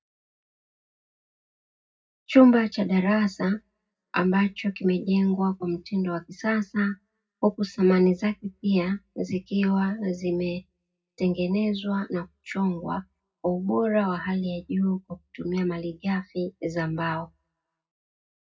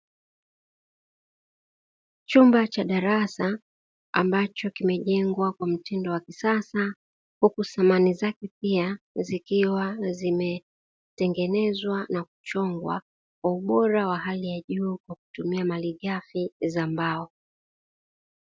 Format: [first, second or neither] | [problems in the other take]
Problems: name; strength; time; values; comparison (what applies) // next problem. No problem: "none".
second | room echo; dies away in 0.4 s